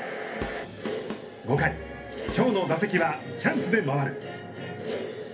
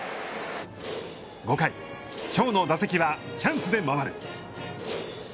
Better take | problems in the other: second | background sound (Drum kit); 13 dB below the speech // room echo; dies away in 0.3 s

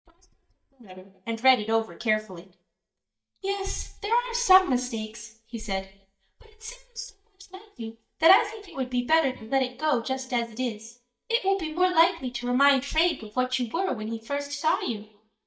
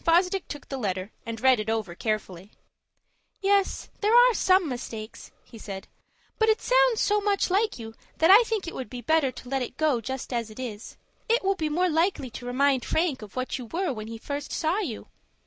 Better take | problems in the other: second | noise reduction (neural mask model DeepFilterNet 3)

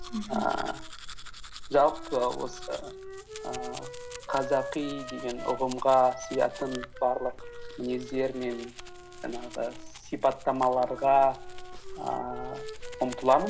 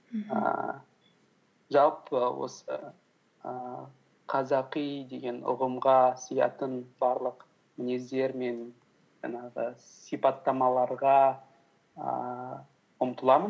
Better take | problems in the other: second | background sound (Wind instrument, woodwind instrument + Domestic sounds, home sounds); 10 dB below the speech

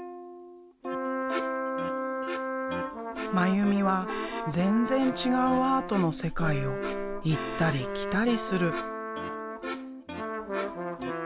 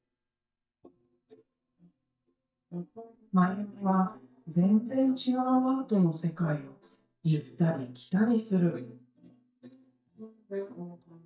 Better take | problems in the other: first | noise reduction (neural mask model DeepFilterNet 3)

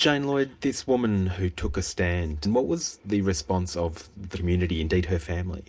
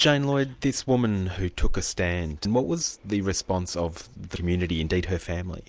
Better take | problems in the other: second | room echo; dies away in 0.3 s

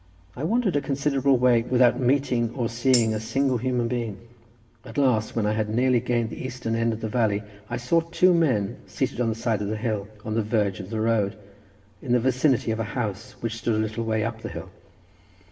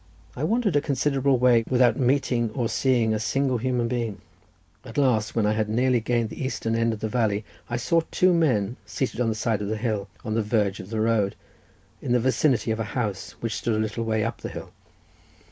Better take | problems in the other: second | background sound (Tambourine); 11 dB below the speech // room echo; dies away in 1.2 s

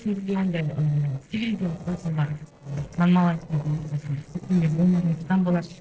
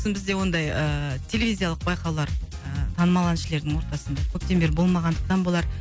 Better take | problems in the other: second | noise reduction (neural separator model SepFormer DNS4)

